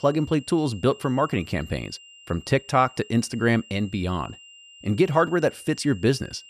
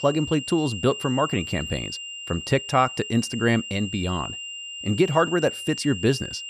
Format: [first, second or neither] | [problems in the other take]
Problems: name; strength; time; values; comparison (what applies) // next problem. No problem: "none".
first | high-pitched whine; loud; throughout; 3 kHz, 8 dB below the speech; faint in the first